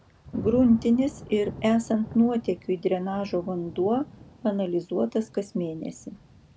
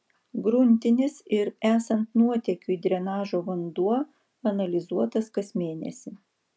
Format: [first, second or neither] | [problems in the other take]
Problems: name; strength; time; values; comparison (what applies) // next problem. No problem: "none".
second | background sound (Thunder / Rain); 17 dB below the speech